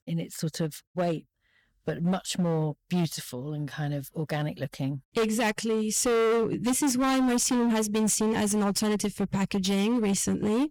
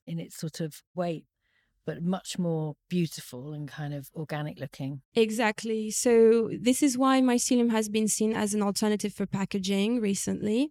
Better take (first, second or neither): second